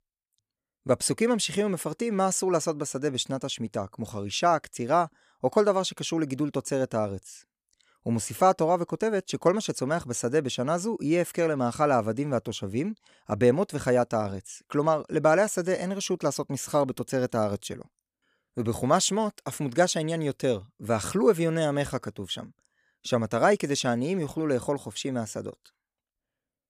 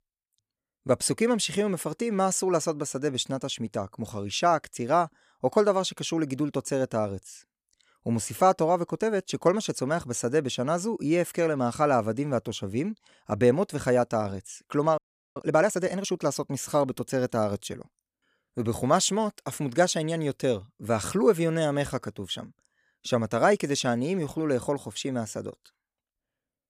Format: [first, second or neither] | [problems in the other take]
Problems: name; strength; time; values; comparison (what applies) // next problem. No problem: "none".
first | audio freezing; at 15 s